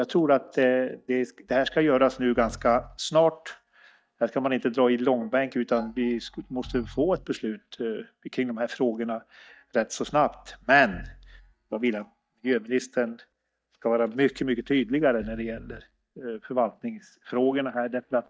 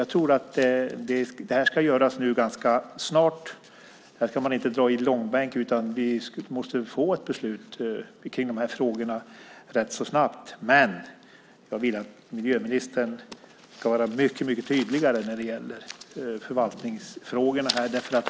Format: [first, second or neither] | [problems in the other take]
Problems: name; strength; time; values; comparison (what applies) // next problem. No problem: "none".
second | noise reduction (neural mask model DeepFilterNet 3)